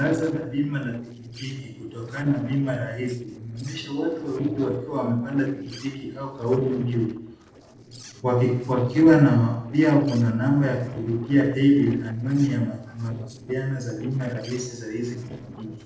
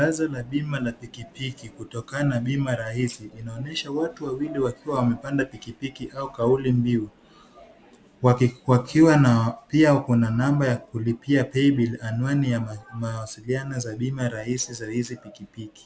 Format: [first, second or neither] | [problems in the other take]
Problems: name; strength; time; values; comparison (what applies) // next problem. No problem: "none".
second | noise reduction (neural separator model SepFormer DNS4)